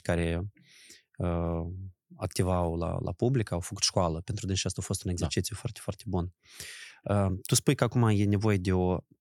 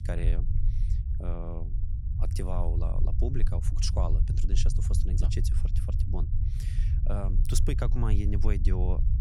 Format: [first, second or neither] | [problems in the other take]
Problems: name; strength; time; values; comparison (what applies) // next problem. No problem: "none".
first | low rumble; loud; throughout; 6 dB below the speech